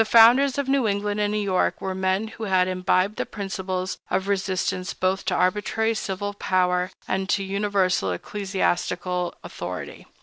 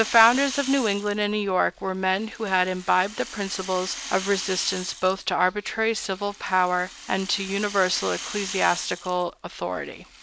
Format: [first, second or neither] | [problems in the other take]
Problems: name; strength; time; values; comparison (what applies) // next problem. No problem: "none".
first | background sound (Rattle (instrument)); 13 dB below the speech